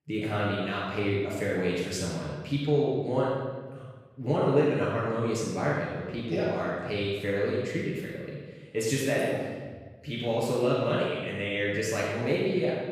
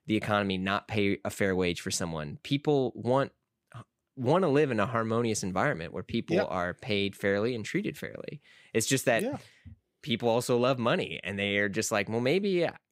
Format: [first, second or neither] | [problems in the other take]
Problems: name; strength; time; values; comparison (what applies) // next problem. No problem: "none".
second | off-mic speech; far // room echo; strong; dies away in 1.2 s